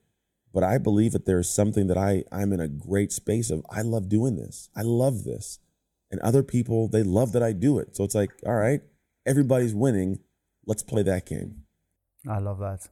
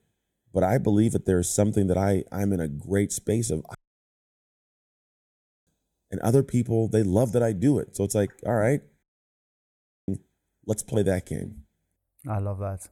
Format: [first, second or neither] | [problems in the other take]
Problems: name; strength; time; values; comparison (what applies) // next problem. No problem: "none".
first | audio cutting out; at 4 s for 2 s and at 9 s for 1 s